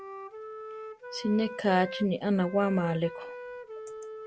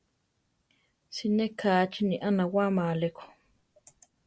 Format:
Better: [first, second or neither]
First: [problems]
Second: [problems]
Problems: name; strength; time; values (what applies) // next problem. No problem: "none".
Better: second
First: background sound (Wind instrument, woodwind instrument); 11 dB below the speech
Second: none